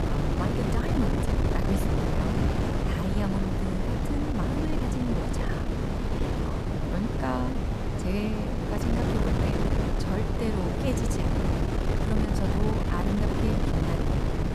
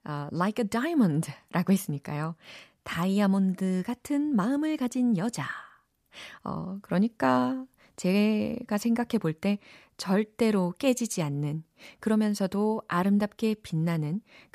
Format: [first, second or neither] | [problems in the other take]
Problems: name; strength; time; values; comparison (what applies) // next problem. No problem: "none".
second | wind noise on the microphone; heavy; 4 dB above the speech